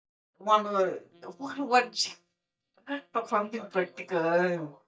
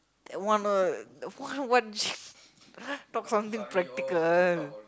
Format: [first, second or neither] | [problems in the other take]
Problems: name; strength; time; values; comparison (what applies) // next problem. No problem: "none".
second | noise reduction (neural mask model DeepFilterNet 3)